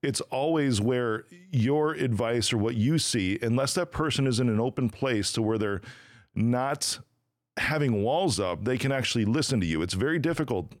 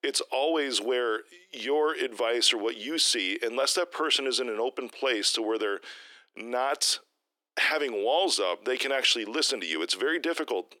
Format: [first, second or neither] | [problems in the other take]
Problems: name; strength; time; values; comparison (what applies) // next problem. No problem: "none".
first | thin; very; fading below 350 Hz